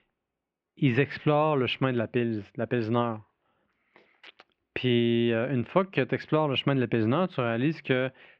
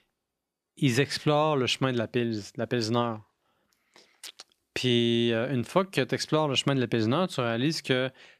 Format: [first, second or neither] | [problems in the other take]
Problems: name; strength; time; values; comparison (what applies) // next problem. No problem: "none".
second | muffled; very; fading above 2.5 kHz